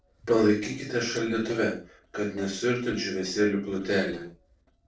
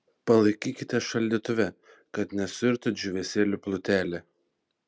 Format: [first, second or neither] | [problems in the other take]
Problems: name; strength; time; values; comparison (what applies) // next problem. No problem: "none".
second | noise reduction (neural separator model SepFormer DNS4)